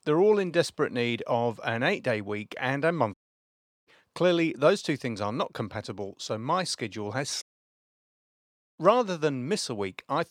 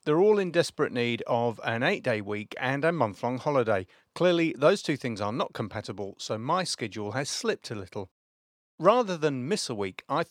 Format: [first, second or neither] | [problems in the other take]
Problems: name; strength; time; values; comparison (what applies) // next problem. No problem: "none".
second | audio cutting out; at 3 s for 0.5 s and at 7.5 s for 1 s